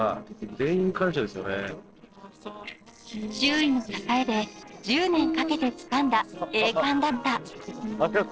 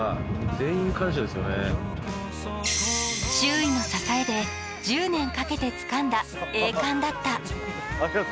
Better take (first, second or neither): second